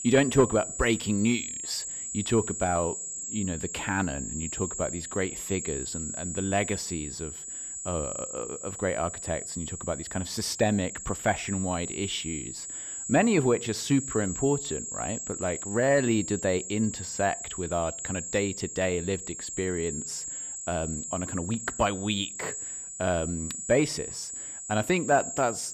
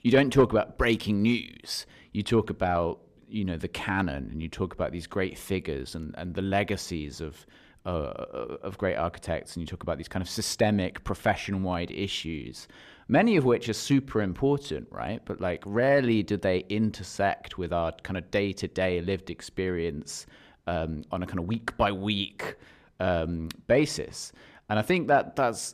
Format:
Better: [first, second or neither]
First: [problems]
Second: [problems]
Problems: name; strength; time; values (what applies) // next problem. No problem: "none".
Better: second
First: high-pitched whine; loud; throughout; 7.5 kHz, 6 dB below the speech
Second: none